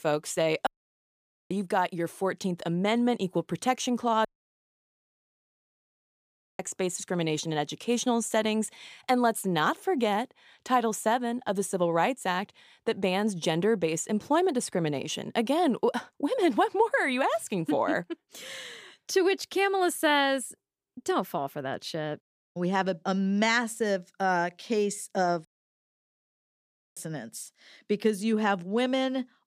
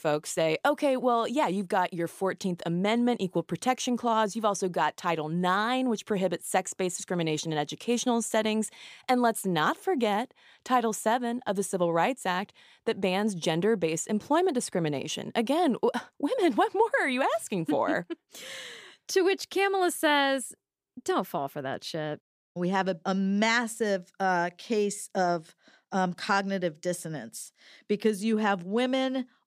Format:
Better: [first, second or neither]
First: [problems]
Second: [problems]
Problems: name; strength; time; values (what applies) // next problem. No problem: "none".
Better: second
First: audio cutting out; at 0.5 s for 1 s, at 4.5 s for 2.5 s and at 25 s for 1.5 s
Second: none